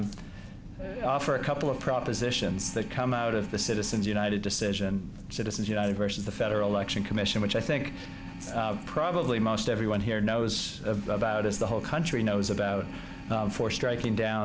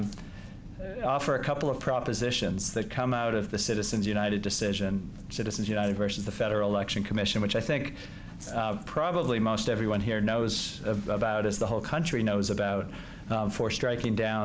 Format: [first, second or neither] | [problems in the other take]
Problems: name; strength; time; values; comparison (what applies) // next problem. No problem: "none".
second | background sound (Organ); 16 dB below the speech